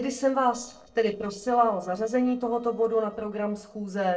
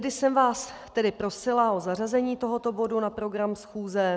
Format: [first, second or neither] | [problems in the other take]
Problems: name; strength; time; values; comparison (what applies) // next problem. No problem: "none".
second | noise reduction (neural separator model SepFormer DNS4)